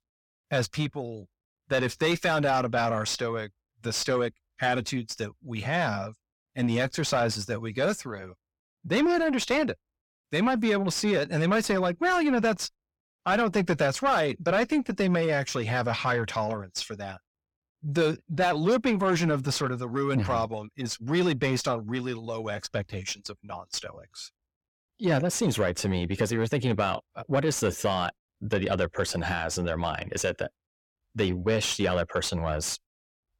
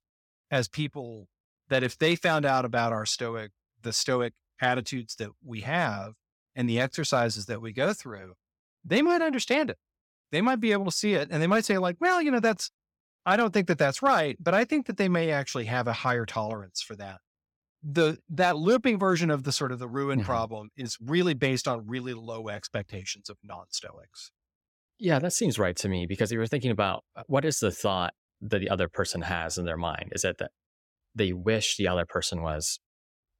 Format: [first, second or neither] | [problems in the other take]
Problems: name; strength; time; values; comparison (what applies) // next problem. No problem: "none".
second | distortion; slight; 10 dB below the speech